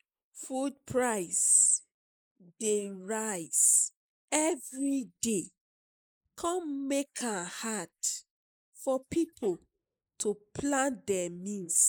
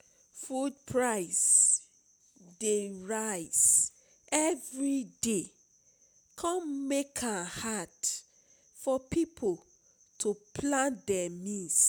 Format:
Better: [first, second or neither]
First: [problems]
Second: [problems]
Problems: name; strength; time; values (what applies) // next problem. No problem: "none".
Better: second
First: noise reduction (neural mask model Resemble Enhance denoiser)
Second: none